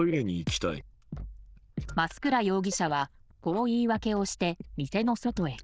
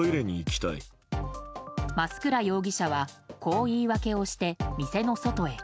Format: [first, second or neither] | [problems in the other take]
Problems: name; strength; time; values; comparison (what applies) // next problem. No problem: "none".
second | noise reduction (neural diffusion model UNIVERSE++)